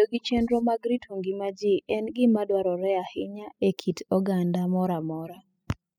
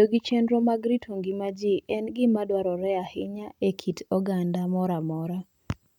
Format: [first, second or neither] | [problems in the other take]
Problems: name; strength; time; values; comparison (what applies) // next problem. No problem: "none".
second | noise reduction (classical method spectral subtraction)